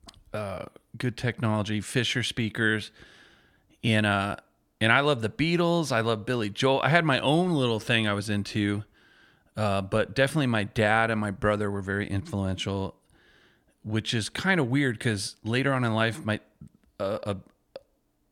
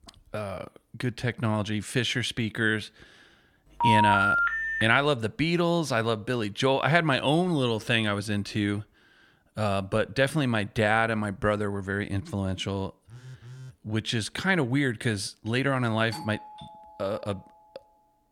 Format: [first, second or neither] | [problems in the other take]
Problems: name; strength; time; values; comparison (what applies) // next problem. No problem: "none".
first | phone ringing; loud; from 4 to 5 s; peak 5 dB above the speech // phone ringing; faint; at 13 s; peak 20 dB below the speech // doorbell; faint; from 16 to 18 s; peak 15 dB below the speech